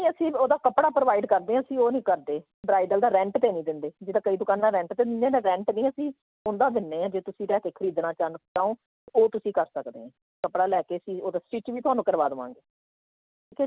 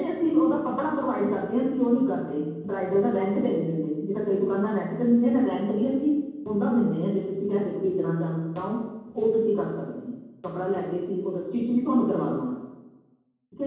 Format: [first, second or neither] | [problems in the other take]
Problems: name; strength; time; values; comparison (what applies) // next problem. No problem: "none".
first | room echo; dies away in 1.2 s